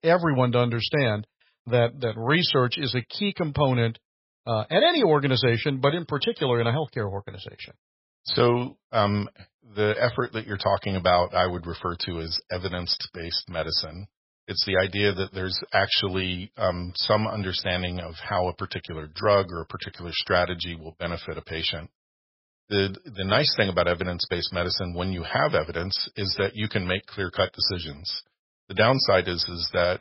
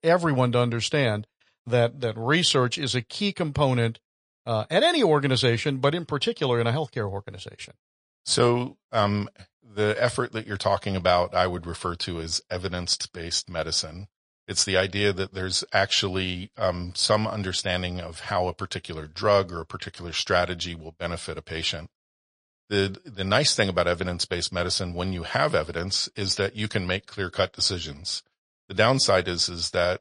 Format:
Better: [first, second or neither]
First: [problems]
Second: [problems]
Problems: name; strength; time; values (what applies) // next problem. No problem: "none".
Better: second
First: garbled, watery; badly; nothing above 5.5 kHz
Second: garbled, watery; slightly; nothing above 10 kHz